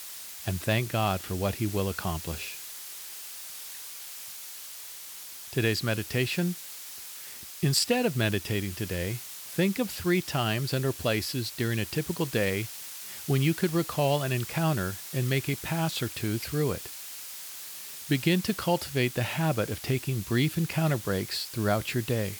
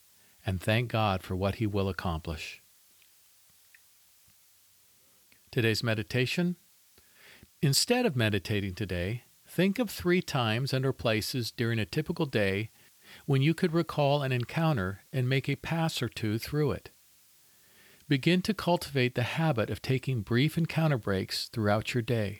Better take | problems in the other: second | hiss; loud; throughout; 10 dB below the speech; faint in the second

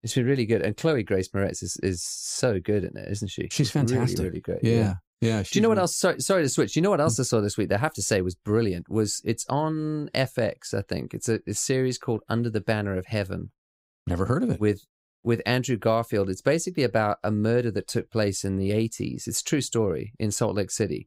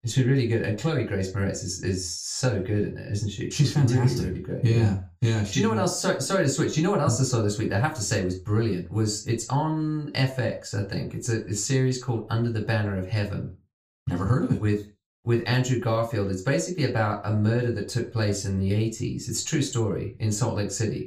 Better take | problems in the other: first | room echo; slight; dies away in 0.3 s // off-mic speech; far

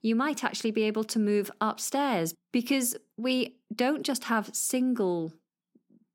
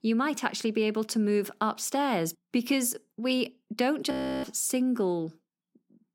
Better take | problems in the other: first | audio freezing; at 4 s

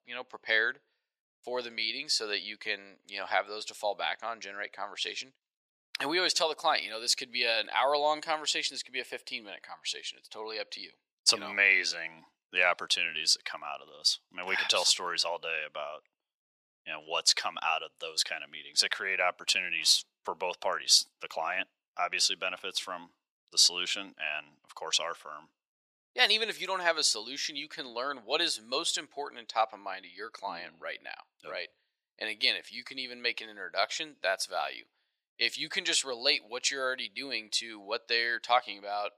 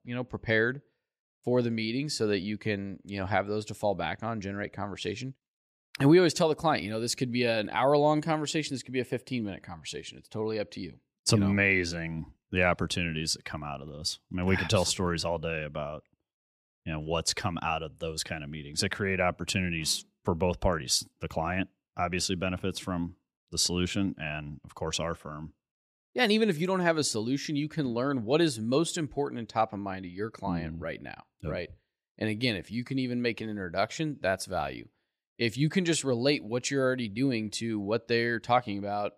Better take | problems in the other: second | thin; very; fading below 800 Hz

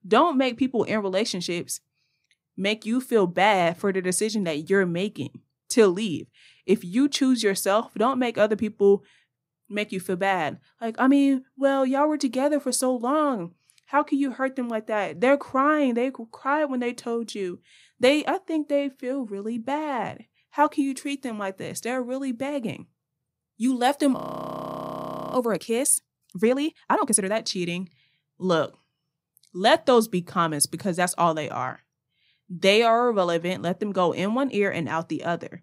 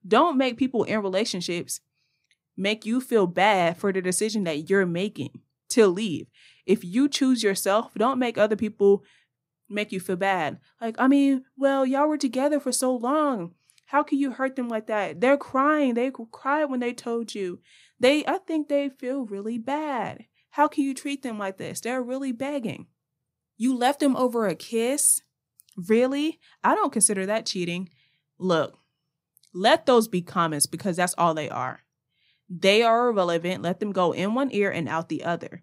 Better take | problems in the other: second | audio freezing; at 24 s for 1 s

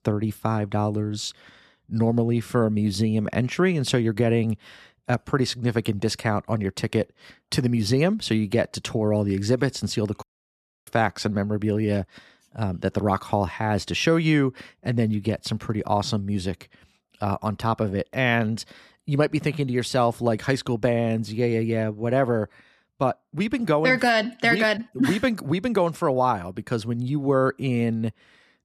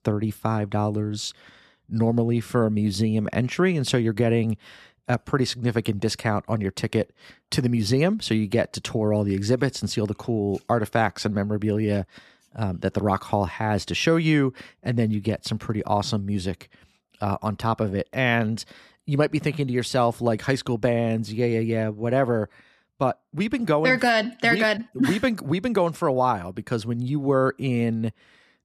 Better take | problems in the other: second | audio cutting out; at 10 s for 0.5 s

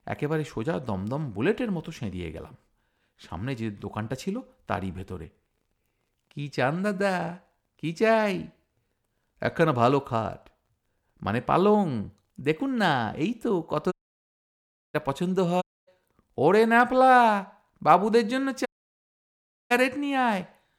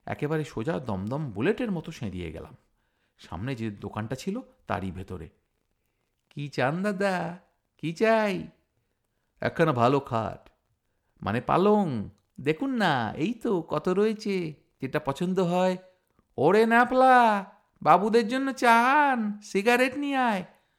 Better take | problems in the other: second | audio cutting out; at 14 s for 1 s, at 16 s and at 19 s for 1 s

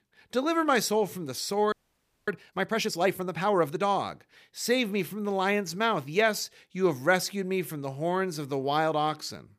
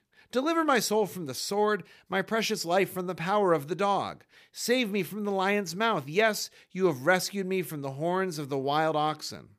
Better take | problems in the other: second | audio freezing; at 1.5 s for 0.5 s

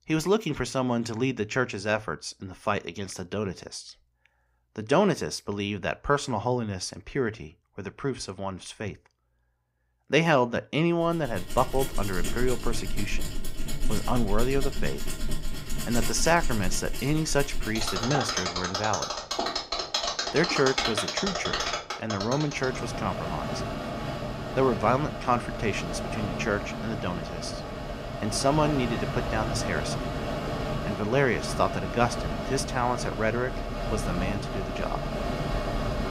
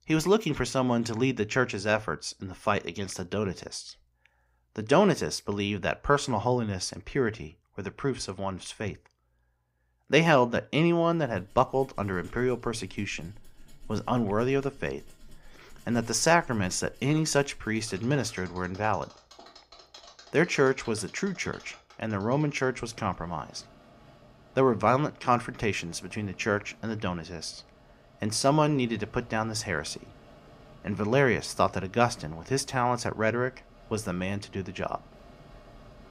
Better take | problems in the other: second | machinery noise; loud; from 11 s on; 3 dB below the speech; faint in the second

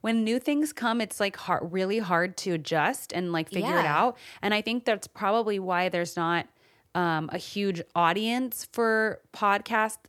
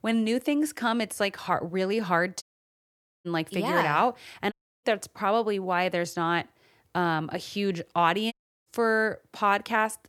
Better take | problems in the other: first | audio cutting out; at 2.5 s for 1 s, at 4.5 s and at 8.5 s

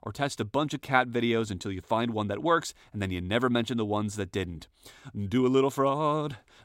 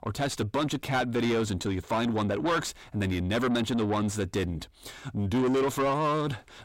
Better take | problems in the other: first | distortion; heavy; 6 dB below the speech

